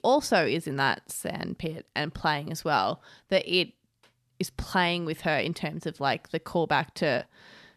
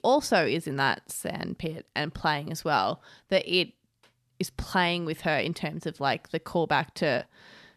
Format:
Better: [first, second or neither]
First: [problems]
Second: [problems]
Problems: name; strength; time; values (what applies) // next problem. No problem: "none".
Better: neither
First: none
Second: none